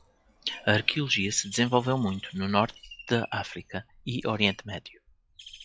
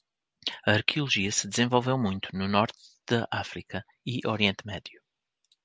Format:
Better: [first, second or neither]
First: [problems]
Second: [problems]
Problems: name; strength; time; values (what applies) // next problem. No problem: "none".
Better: second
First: noise reduction (classical method log-MMSE)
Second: none